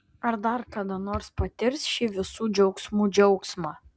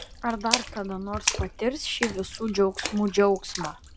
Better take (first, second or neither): first